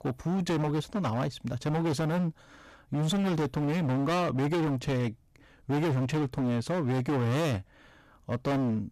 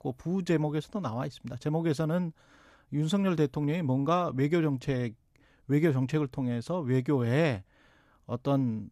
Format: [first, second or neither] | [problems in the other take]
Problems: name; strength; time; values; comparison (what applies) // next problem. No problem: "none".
second | distortion; heavy; 28% of the sound clipped